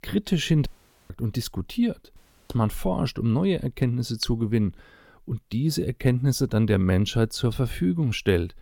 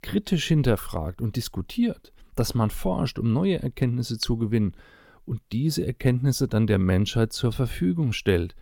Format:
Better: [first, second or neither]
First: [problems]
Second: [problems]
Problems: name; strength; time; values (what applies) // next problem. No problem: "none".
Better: second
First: audio cutting out; at 0.5 s and at 2 s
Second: none